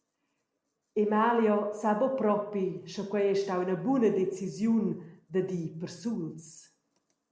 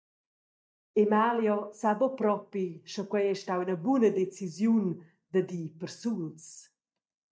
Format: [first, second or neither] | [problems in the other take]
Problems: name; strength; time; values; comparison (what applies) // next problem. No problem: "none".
first | noise reduction (neural mask model DeepFilterNet 3)